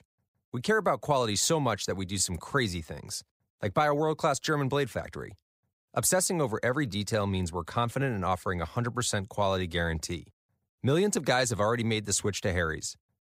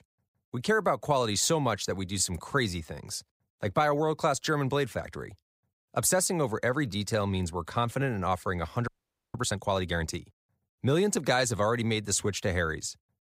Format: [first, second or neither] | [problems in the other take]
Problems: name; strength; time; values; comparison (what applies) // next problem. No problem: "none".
first | audio freezing; at 9 s